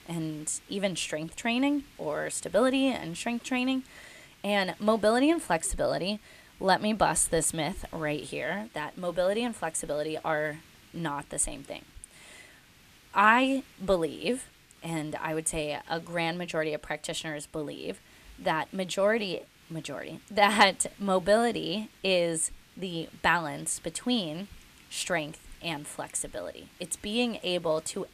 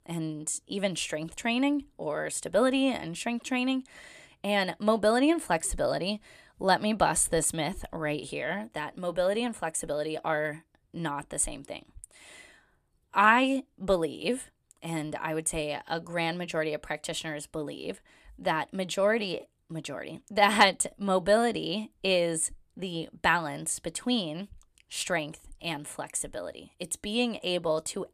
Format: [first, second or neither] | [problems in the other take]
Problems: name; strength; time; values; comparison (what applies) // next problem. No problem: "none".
second | hiss; faint; throughout; 25 dB below the speech